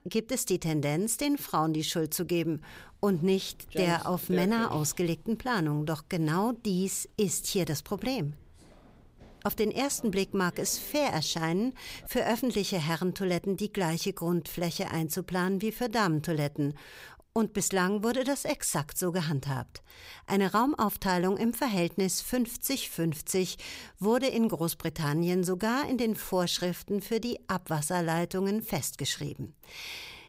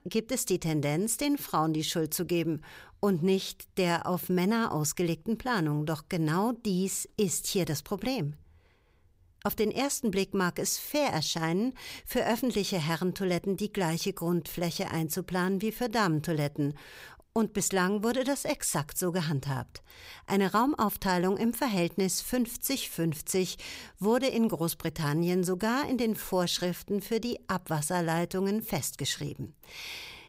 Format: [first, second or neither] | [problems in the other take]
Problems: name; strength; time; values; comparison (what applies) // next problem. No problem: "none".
second | footsteps; noticeable; from 3 to 12 s; peak 7 dB below the speech